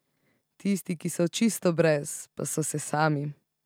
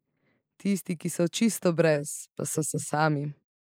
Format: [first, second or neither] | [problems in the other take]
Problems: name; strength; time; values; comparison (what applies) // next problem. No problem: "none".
first | noise reduction (neural mask model Resemble Enhance denoiser)